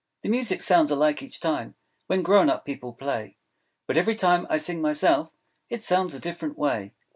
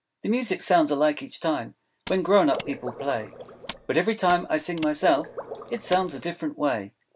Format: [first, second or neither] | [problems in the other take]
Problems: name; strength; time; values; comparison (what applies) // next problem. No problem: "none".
first | background sound (Mechanisms + Water / Liquid); 13 dB below the speech